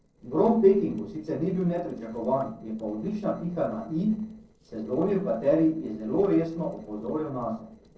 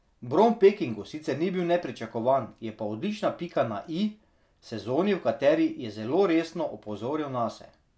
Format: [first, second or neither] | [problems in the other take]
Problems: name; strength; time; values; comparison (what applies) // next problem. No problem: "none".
second | noise reduction (neural separator model SepFormer DNS4)